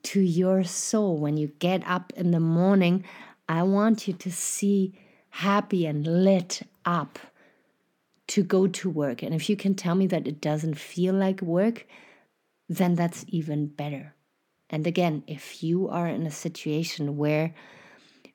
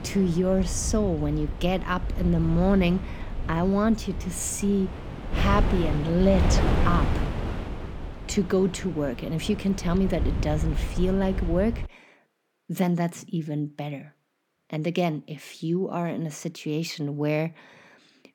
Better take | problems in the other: first | wind noise on the microphone; heavy; until 12 s; 8 dB below the speech

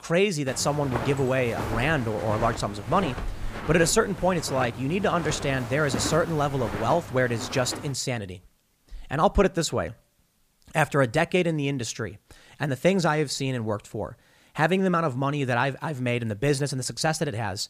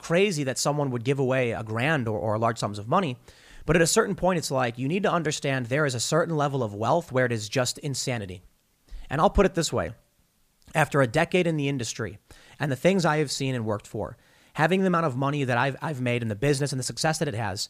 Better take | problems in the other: second | footsteps; noticeable; until 8 s; peak 5 dB below the speech

